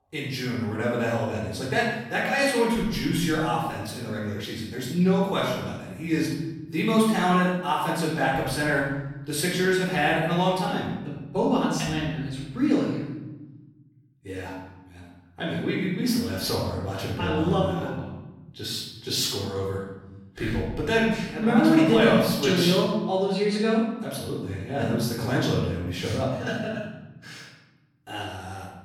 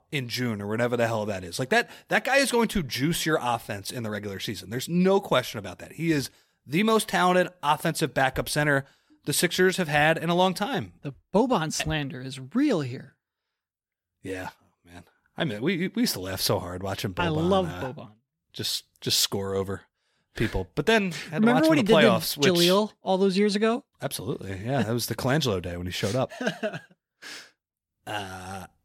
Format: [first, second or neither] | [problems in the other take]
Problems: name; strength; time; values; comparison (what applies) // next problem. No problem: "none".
second | room echo; noticeable; dies away in 1.1 s // off-mic speech; far